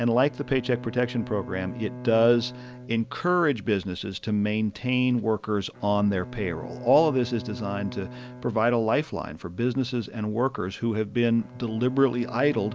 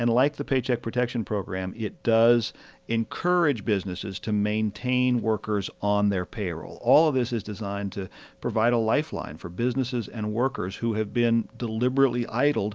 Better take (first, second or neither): second